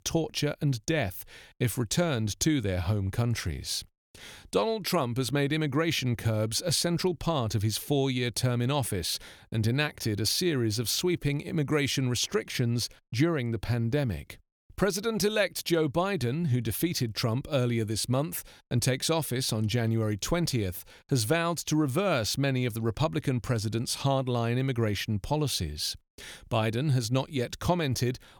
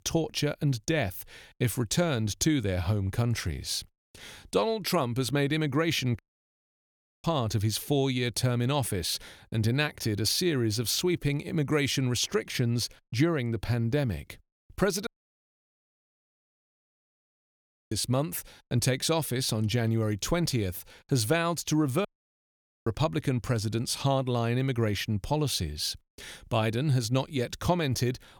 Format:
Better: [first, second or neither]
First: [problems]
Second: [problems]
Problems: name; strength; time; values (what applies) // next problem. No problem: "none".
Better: first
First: none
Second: audio cutting out; at 6 s for 1 s, at 15 s for 3 s and at 22 s for 1 s